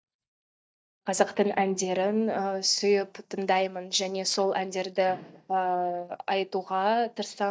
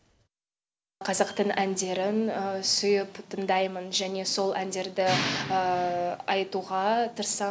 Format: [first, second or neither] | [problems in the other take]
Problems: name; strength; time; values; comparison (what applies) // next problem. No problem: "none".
second | noise reduction (neural mask model DeepFilterNet 3)